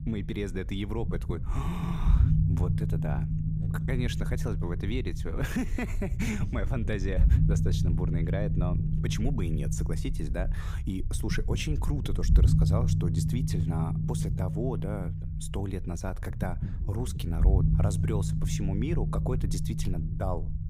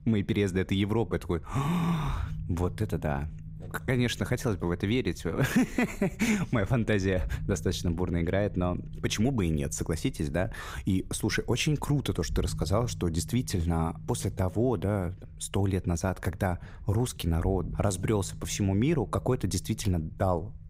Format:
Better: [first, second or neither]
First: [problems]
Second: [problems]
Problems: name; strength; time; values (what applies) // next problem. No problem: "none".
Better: second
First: low rumble; loud; throughout; 4 dB below the speech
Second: low rumble; faint; throughout; 20 dB below the speech